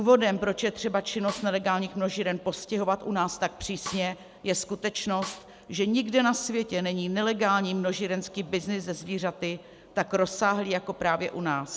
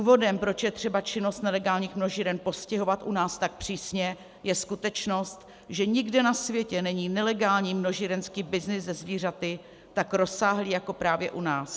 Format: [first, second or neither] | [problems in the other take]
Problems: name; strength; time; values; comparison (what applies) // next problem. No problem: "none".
second | background sound (Snare drum); 14 dB below the speech